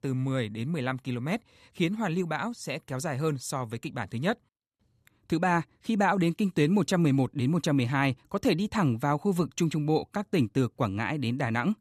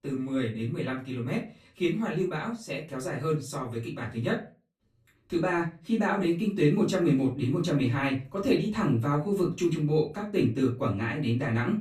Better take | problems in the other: first | off-mic speech; far // room echo; very slight; dies away in 0.3 s

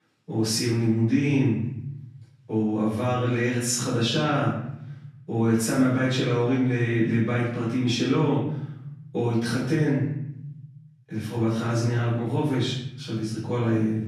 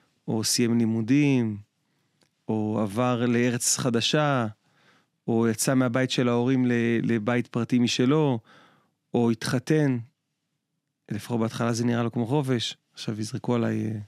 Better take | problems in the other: second | room echo; noticeable; dies away in 0.9 s // off-mic speech; far

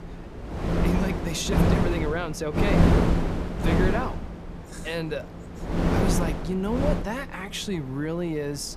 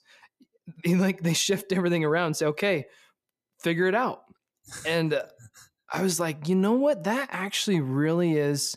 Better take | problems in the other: second | wind noise on the microphone; heavy; 1 dB above the speech

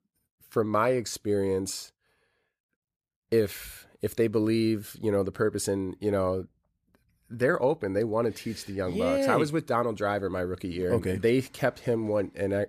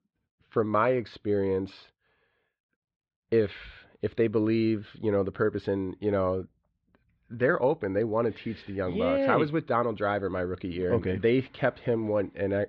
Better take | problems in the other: first | muffled; slightly; fading above 3.5 kHz

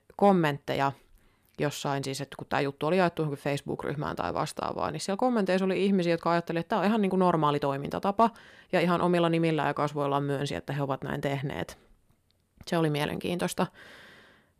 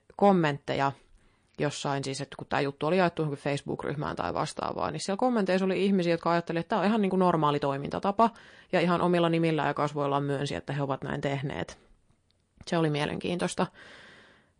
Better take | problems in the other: first | garbled, watery; slightly; nothing above 9 kHz

